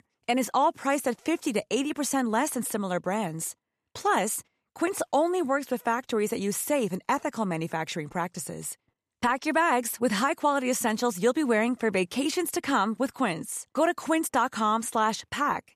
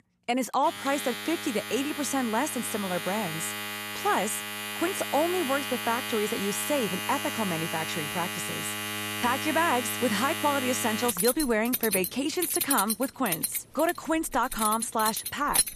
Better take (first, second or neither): first